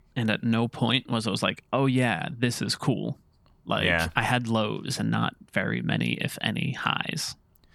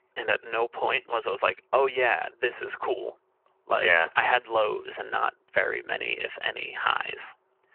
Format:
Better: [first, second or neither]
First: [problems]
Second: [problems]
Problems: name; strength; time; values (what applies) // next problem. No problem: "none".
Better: first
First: none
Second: phone-call audio